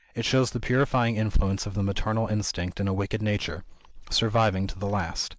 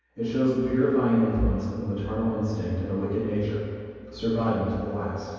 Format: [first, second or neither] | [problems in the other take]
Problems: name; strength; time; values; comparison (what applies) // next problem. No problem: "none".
first | room echo; dies away in 2.2 s